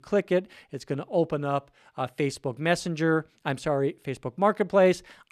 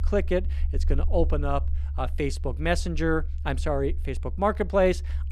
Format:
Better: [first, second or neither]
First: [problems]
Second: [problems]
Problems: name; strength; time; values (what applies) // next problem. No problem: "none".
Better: first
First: none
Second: low rumble; faint; throughout; 25 dB below the speech